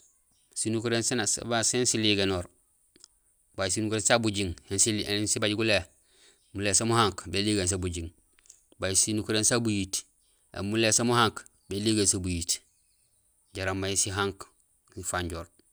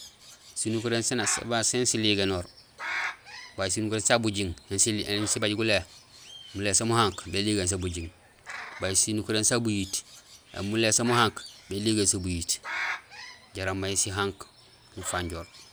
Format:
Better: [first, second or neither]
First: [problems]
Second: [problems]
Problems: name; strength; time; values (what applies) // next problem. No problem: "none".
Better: first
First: none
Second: background sound (Bird); 14 dB below the speech